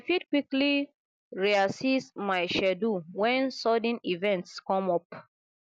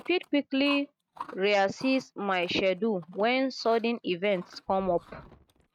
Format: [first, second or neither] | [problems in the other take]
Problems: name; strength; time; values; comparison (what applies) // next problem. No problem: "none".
first | noise reduction (neural mask model RNNoise)